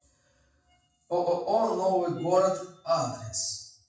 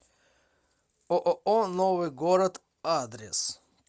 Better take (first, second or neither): second